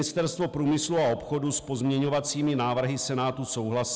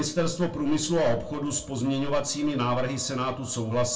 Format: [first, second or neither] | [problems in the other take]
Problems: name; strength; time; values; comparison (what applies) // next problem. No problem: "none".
first | room echo; dies away in 0.2 s